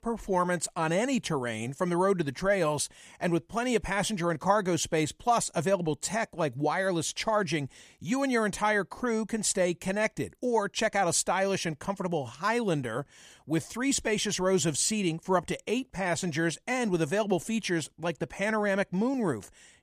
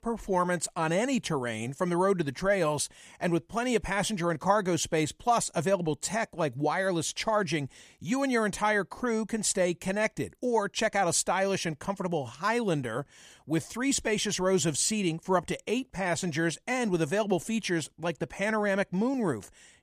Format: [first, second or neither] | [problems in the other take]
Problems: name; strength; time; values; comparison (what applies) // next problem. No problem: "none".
neither | none